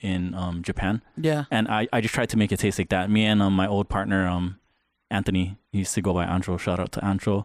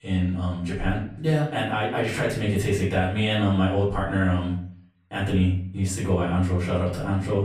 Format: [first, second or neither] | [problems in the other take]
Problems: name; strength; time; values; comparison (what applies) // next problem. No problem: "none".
first | off-mic speech; far // room echo; noticeable; dies away in 0.5 s